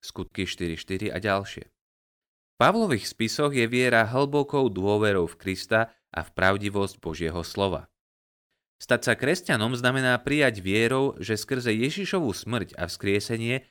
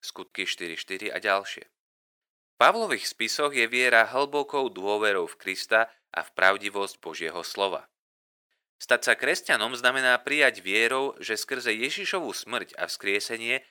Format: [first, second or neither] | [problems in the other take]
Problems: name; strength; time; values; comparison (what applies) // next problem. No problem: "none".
first | thin; somewhat; fading below 550 Hz